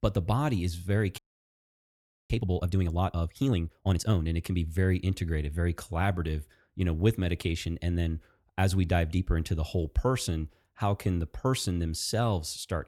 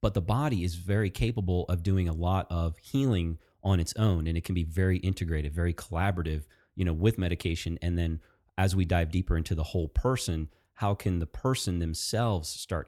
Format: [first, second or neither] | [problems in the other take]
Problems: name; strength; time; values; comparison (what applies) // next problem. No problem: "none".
second | audio freezing; at 1 s for 1 s